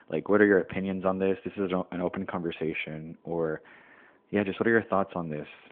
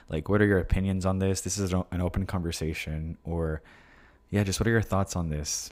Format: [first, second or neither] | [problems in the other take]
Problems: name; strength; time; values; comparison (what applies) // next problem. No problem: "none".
second | phone-call audio; nothing above 3.5 kHz